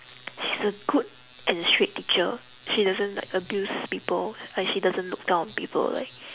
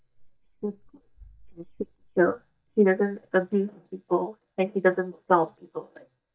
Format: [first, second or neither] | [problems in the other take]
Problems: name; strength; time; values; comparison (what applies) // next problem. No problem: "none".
first | noise reduction (neural mask model DeepFilterNet 3)